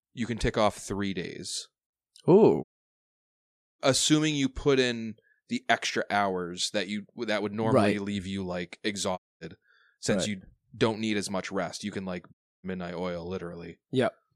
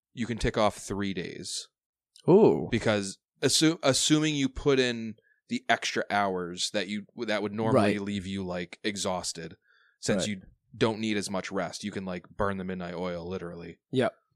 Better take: second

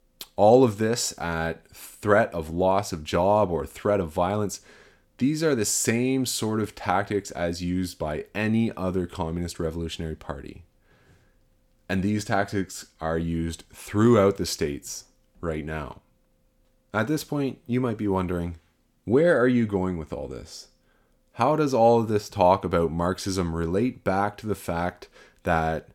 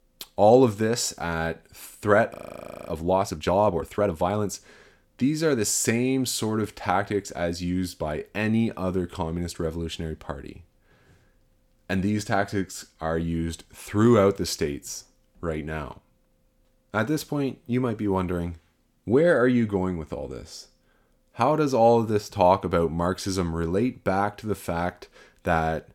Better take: first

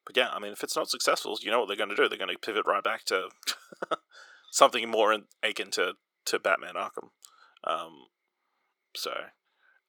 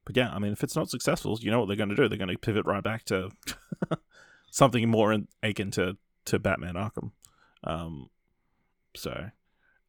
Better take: second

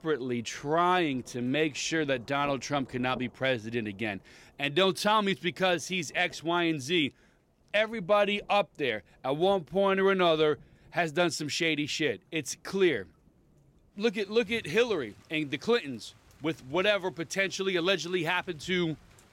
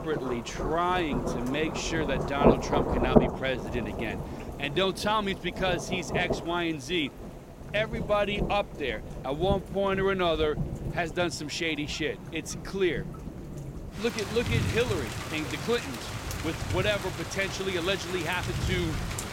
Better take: first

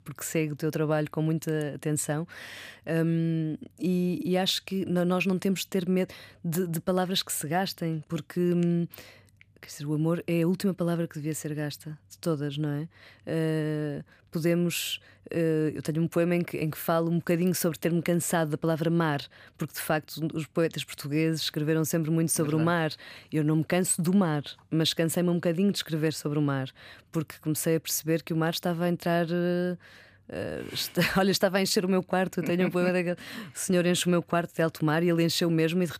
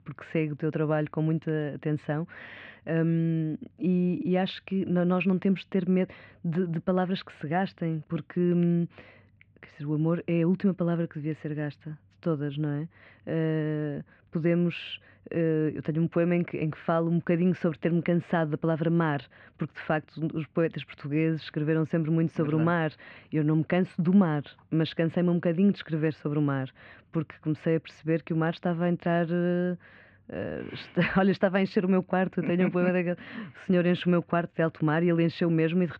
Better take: first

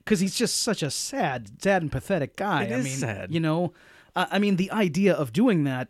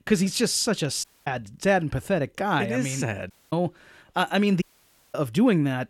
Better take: first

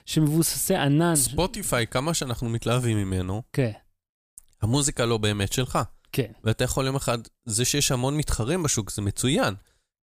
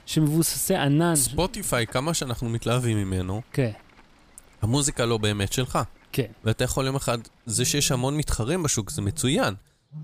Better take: first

